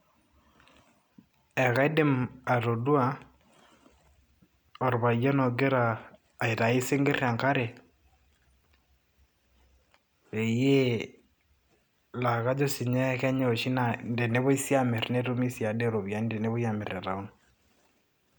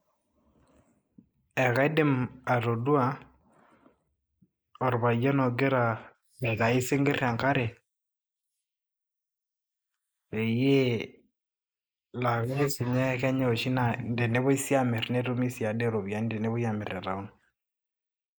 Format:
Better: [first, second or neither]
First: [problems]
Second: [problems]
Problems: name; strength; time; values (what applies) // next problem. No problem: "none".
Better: first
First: none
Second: noise reduction (neural mask model Resemble Enhance denoiser)